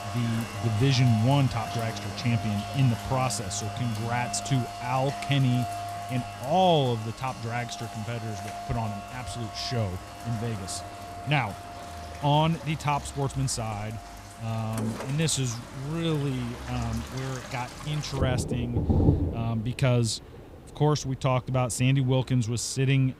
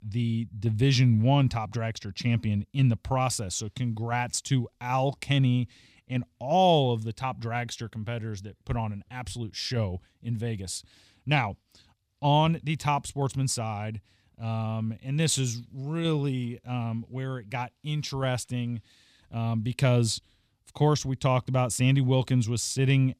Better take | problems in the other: second | rain or running water; loud; throughout; 7 dB below the speech

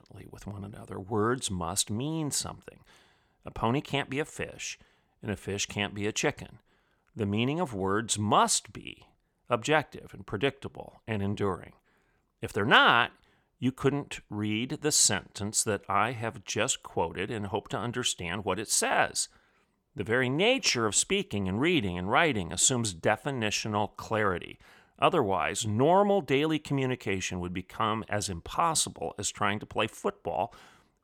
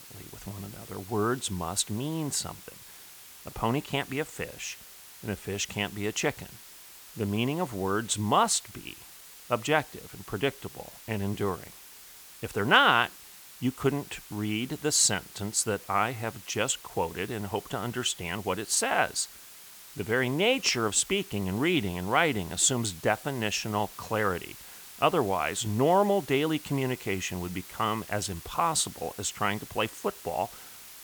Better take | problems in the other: first | hiss; noticeable; throughout; 15 dB below the speech

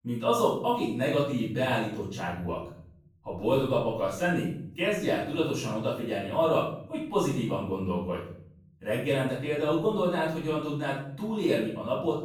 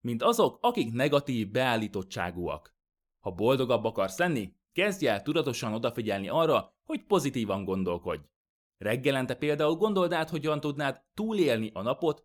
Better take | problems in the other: second | room echo; noticeable; dies away in 0.7 s // off-mic speech; far

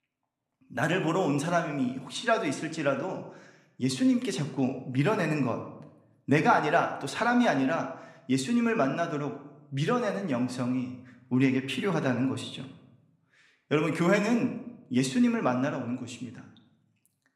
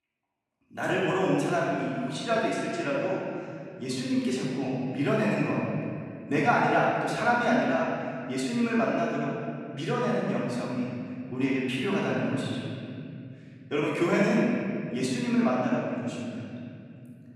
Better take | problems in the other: first | room echo; strong; dies away in 3 s; slight in the first // off-mic speech; far

